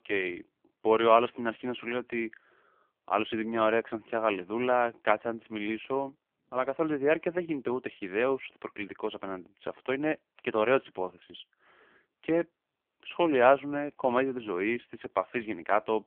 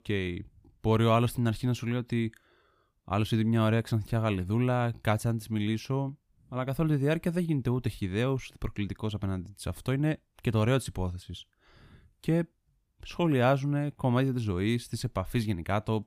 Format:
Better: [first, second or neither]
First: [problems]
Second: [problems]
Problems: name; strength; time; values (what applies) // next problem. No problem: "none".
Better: second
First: phone-call audio; poor line; nothing above 3.5 kHz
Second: none